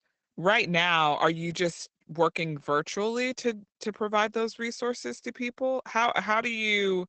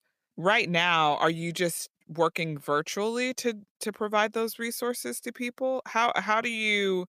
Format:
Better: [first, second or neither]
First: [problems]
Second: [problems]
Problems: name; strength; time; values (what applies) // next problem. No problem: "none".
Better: second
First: garbled, watery; badly; nothing above 8 kHz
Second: none